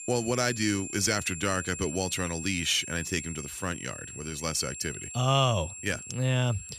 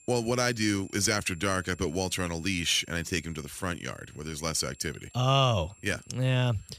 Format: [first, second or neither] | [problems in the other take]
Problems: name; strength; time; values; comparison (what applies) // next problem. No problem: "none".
second | high-pitched whine; loud; throughout; 7.5 kHz, 9 dB below the speech; faint in the second